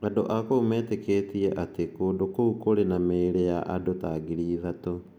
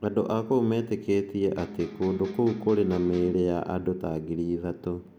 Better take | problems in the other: first | background sound (Electric guitar); 14 dB below the speech

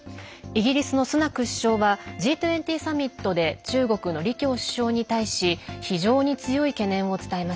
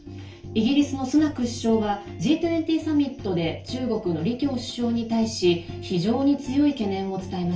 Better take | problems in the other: first | room echo; dies away in 0.3 s

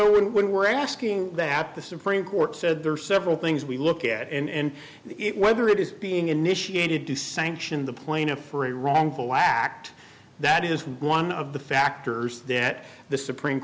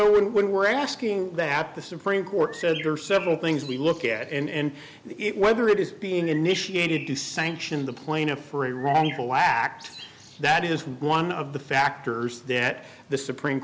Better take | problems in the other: first | background sound (Bird); 17 dB below the speech

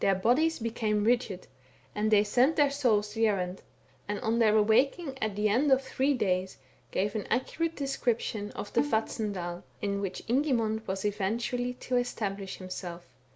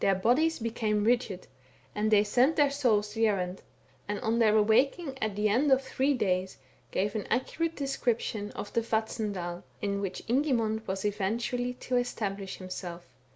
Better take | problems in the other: second | background sound (Bowed string instrument); 11 dB below the speech

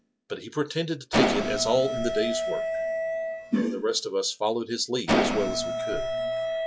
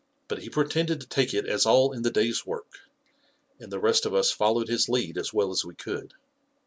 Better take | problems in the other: second | noise reduction (classical method log-MMSE)

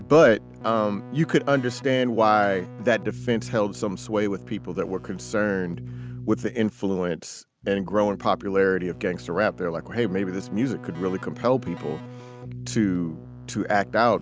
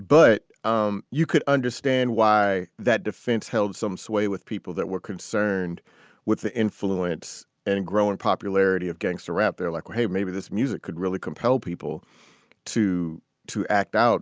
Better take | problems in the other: second | background sound (Keyboard (musical)); 15 dB below the speech

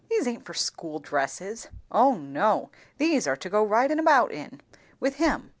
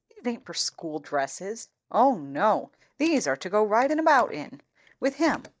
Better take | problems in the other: first | noise reduction (neural mask model DeepFilterNet 3)

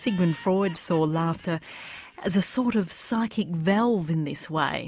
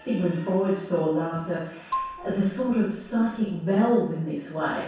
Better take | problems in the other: first | background sound (Marimba, xylophone); 11 dB below the speech // room echo; dies away in 0.7 s

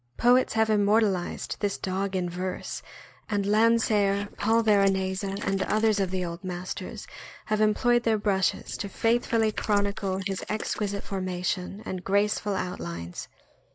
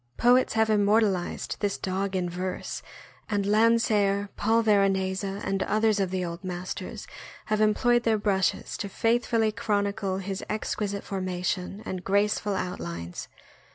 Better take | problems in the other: second | noise reduction (neural mask model Resemble Enhance denoiser)

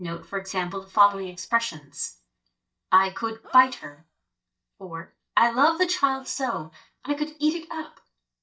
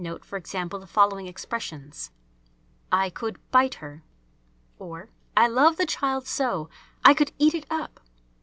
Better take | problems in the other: second | noise reduction (neural mask model DeepFilterNet 3)

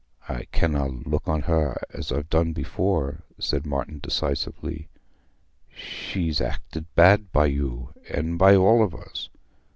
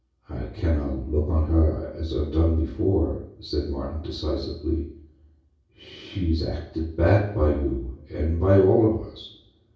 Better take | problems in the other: first | room echo; dies away in 0.6 s

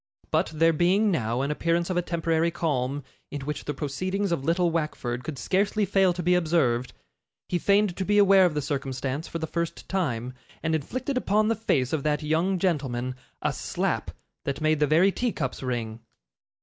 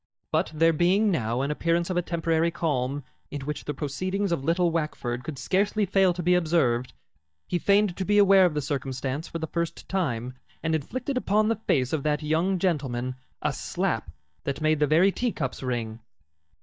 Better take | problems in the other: first | noise reduction (neural mask model DeepFilterNet 3)

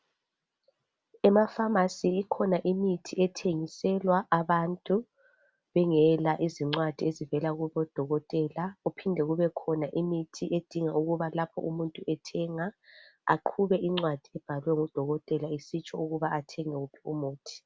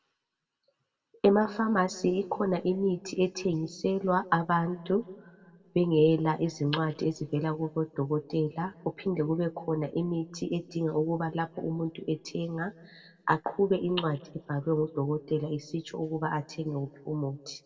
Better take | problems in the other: first | room echo; dies away in 1 s

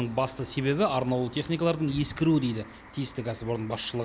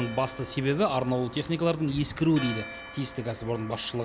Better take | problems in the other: first | background sound (Church bell); 15 dB below the speech

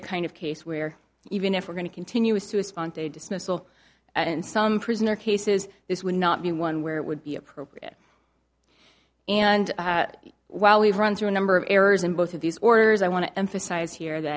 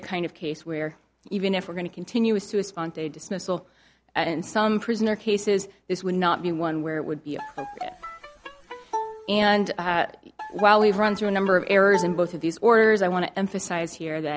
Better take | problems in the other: first | background sound (Bowed string instrument); 12 dB below the speech

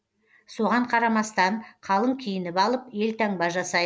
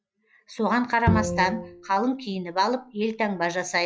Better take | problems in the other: first | noise reduction (classical method log-MMSE)

